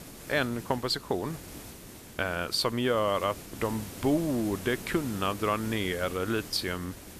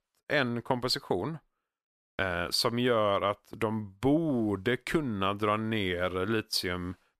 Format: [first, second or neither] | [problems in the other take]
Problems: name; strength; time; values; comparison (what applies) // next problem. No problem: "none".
second | hiss; noticeable; throughout; 15 dB below the speech